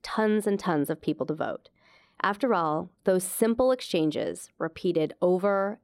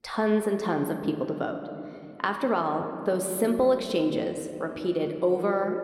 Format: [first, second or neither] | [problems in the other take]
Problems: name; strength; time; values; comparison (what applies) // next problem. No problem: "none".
first | room echo; slight; dies away in 2 s